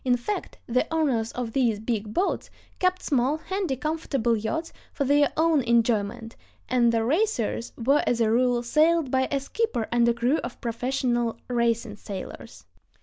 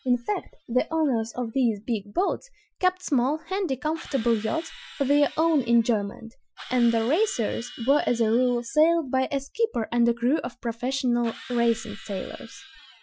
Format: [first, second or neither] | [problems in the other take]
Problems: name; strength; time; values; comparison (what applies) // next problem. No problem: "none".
first | noise reduction (classical method Wiener filter)